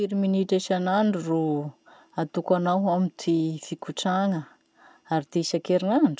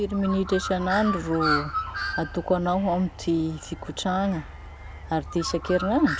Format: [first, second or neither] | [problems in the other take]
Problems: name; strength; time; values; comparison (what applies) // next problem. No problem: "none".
first | background sound (Bird); 7 dB below the speech